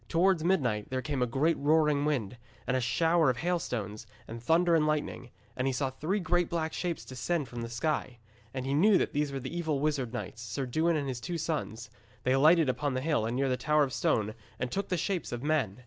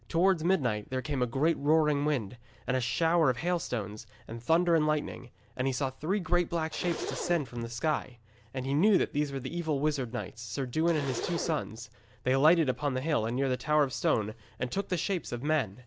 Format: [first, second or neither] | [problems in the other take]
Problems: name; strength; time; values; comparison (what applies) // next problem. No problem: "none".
first | background sound (Zipper (clothing)); 12 dB below the speech